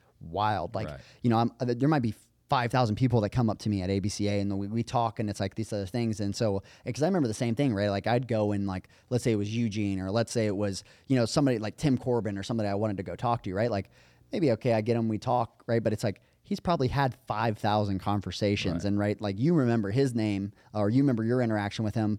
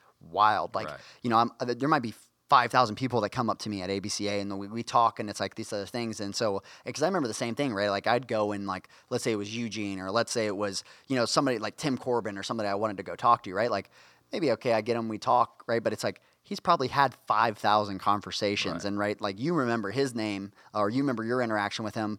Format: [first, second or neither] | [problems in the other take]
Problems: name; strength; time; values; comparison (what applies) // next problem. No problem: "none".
first | thin; somewhat; fading below 900 Hz